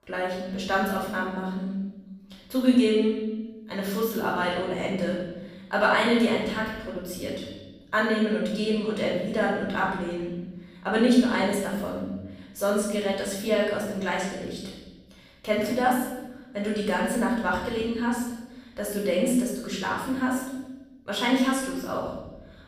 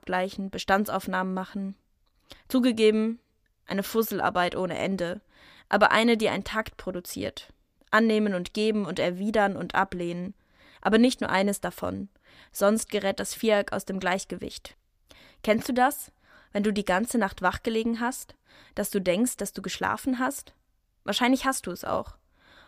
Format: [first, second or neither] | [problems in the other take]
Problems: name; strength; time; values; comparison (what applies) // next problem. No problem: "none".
second | off-mic speech; far // room echo; noticeable; dies away in 1.1 s